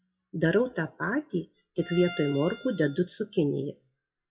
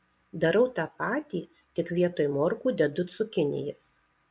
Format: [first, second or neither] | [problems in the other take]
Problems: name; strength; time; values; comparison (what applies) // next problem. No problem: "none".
second | noise reduction (classical method WPE with log-MMSE)